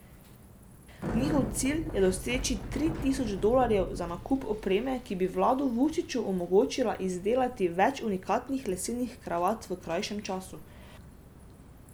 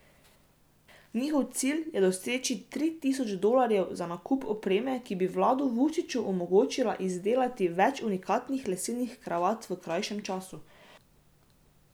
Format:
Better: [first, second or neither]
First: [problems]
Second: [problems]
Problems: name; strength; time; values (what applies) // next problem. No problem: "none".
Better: second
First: background sound (Bicycle); 11 dB below the speech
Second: none